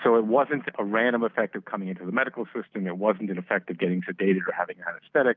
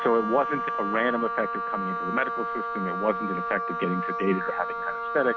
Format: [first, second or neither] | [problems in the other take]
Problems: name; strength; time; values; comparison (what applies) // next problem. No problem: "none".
first | background sound (Wind instrument, woodwind instrument); 2 dB below the speech